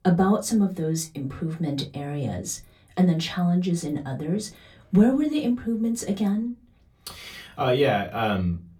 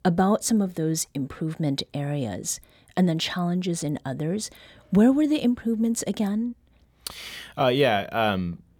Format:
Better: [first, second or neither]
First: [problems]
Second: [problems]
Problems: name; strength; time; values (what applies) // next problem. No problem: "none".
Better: second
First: off-mic speech; far // room echo; very slight; dies away in 0.2 s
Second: none